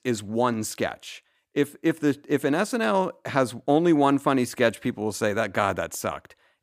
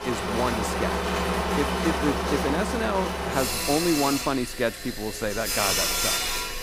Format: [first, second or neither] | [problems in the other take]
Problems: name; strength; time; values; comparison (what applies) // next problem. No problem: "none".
first | machinery noise; very loud; throughout; 2 dB above the speech